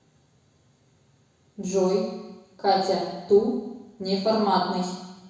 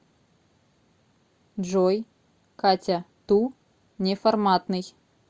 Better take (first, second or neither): second